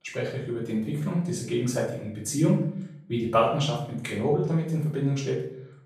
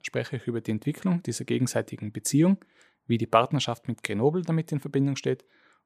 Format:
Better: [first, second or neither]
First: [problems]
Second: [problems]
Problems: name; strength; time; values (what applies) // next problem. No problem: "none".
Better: second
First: room echo; noticeable; dies away in 0.6 s // off-mic speech; far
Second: none